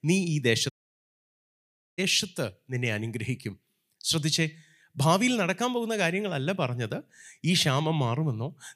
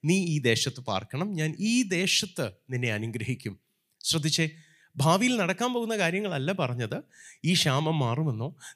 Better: second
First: audio cutting out; at 0.5 s for 1.5 s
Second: none

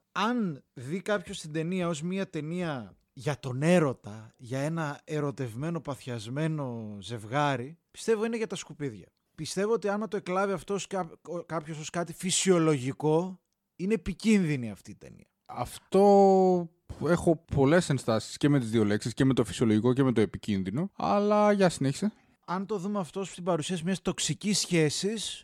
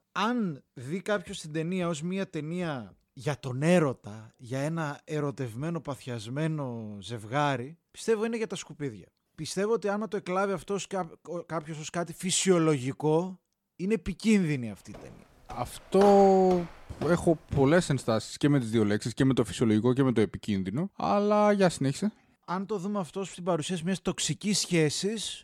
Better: first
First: none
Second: footsteps; noticeable; from 15 to 18 s; peak 6 dB below the speech

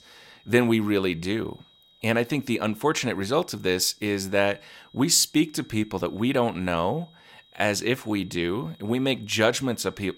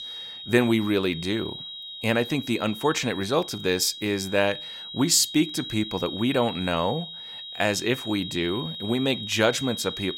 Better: first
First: high-pitched whine; faint; throughout; 4 kHz, 30 dB below the speech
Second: high-pitched whine; loud; throughout; 4 kHz, 10 dB below the speech

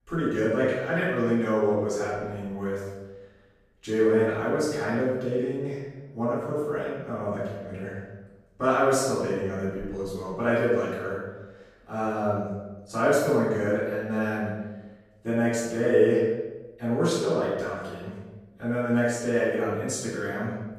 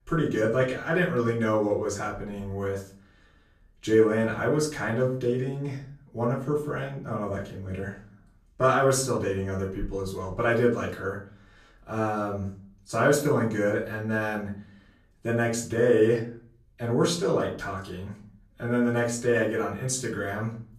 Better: second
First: room echo; strong; dies away in 1 s // off-mic speech; far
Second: room echo; slight; dies away in 0.4 s // off-mic speech; far

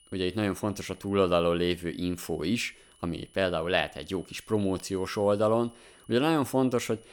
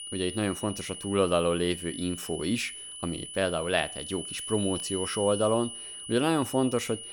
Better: first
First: high-pitched whine; faint; throughout; 3 kHz, 30 dB below the speech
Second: high-pitched whine; loud; throughout; 3 kHz, 8 dB below the speech

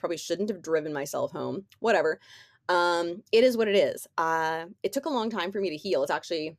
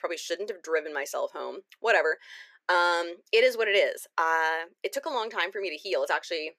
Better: first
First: none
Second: thin; very; fading below 400 Hz

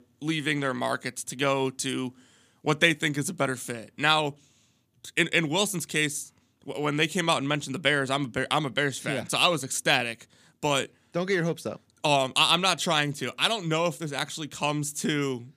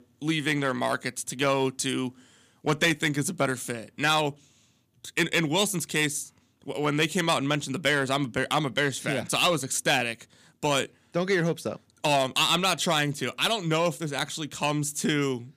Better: first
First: none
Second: distortion; slight; 2% of the sound clipped

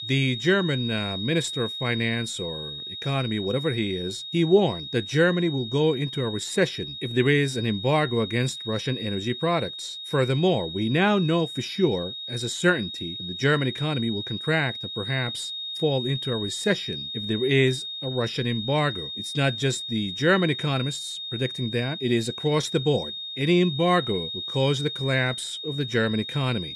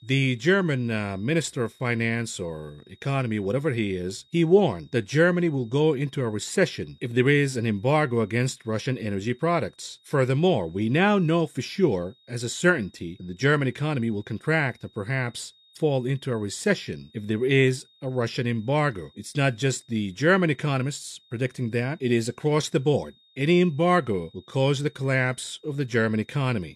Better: second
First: high-pitched whine; loud; throughout; 3.5 kHz, 7 dB below the speech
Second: high-pitched whine; faint; throughout; 3.5 kHz, 35 dB below the speech

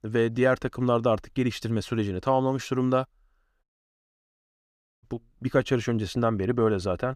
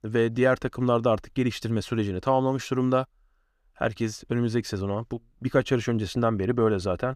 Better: second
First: audio cutting out; at 3.5 s for 1.5 s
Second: none

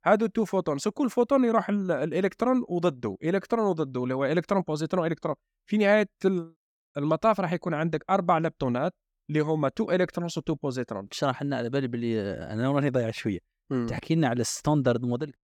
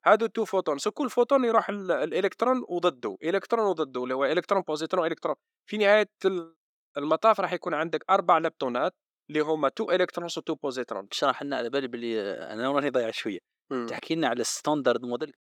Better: first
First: none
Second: thin; somewhat; fading below 400 Hz

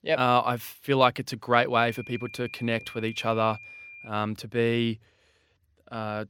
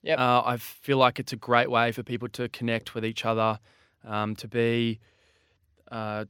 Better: second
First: high-pitched whine; noticeable; from 2 to 4 s; 2.5 kHz, 15 dB below the speech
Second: none

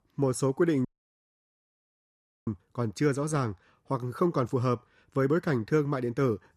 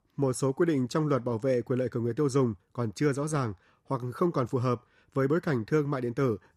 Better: second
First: audio cutting out; at 1 s for 1.5 s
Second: none

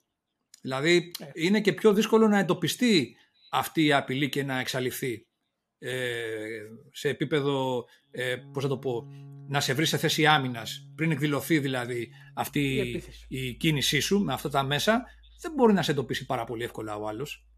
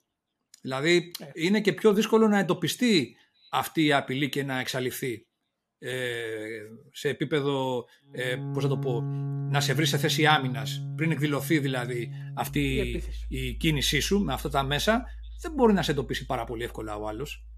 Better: first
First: background music; faint; from 8.5 s on; 25 dB below the speech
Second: background music; loud; from 8.5 s on; 9 dB below the speech

